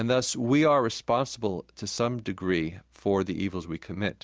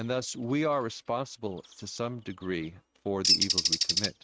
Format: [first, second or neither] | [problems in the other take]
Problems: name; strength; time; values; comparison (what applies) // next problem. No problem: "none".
first | noise reduction (neural mask model RNNoise)